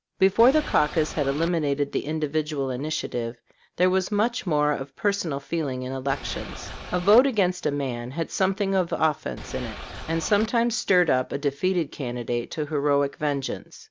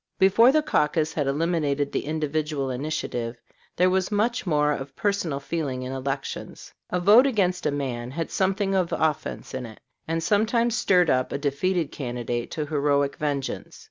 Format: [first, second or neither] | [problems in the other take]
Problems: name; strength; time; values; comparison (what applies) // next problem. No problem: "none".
second | background sound (Boat, Water vehicle); 11 dB below the speech